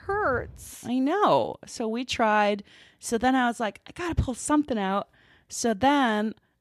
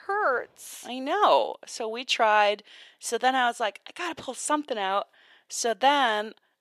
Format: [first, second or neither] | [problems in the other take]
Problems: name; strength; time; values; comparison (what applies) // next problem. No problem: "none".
first | thin; somewhat; fading below 550 Hz